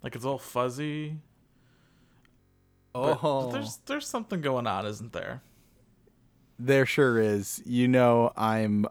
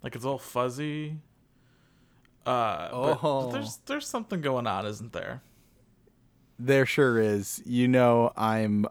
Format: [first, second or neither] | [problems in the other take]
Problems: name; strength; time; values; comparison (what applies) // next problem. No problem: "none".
second | audio freezing; at 2.5 s for 0.5 s